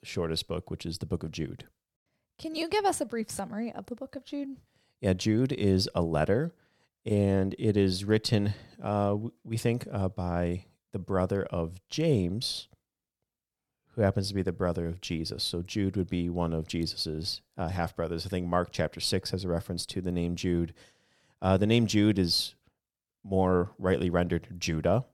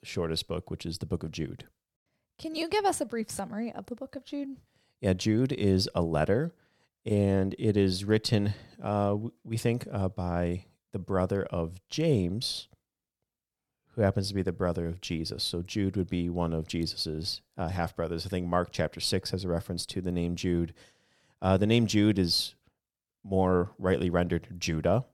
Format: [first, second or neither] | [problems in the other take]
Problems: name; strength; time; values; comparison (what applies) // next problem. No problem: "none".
neither | none